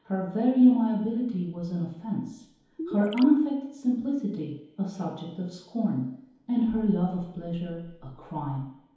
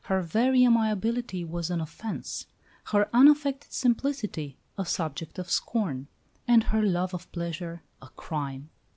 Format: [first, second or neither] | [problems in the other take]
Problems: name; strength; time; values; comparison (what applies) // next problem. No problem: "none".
second | background sound (Gurgling); 10 dB below the speech // room echo; dies away in 2.2 s